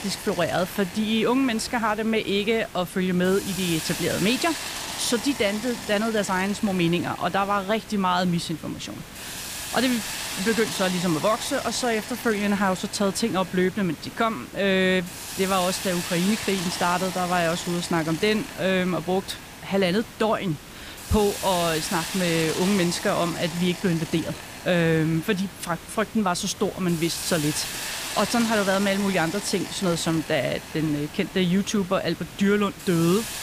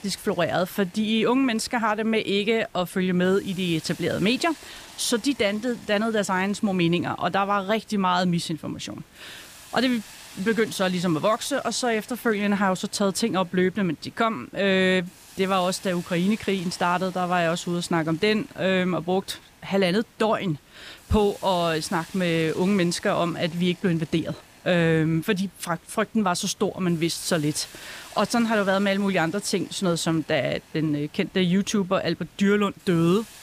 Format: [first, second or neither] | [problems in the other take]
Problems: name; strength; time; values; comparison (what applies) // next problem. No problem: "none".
second | hiss; loud; throughout; 9 dB below the speech; faint in the second